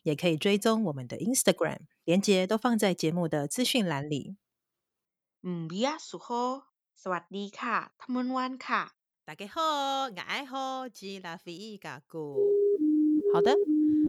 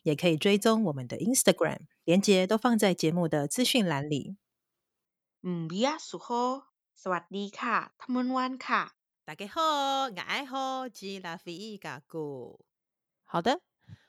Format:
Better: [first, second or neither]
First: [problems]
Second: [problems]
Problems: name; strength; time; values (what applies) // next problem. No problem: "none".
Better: second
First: siren; loud; from 12 s on; peak 5 dB above the speech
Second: none